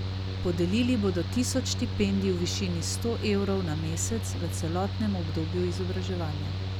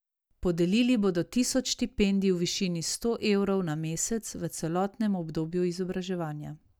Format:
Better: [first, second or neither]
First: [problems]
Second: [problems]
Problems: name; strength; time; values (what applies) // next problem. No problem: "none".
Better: second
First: background sound (Mechanical fan); 2 dB below the speech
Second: none